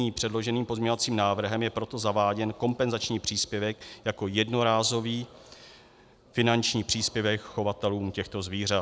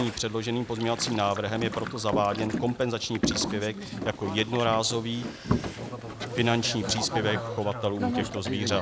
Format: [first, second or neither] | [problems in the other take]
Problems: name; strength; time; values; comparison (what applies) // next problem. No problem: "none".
first | background sound (Boat, Water vehicle); 5 dB below the speech